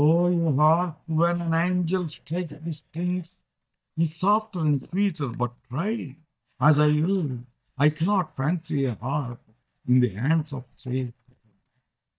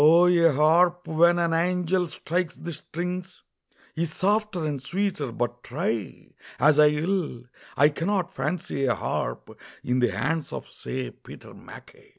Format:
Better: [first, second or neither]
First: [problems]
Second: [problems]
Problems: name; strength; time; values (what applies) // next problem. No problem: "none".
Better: second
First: noise reduction (neural mask model DeepFilterNet 3)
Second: none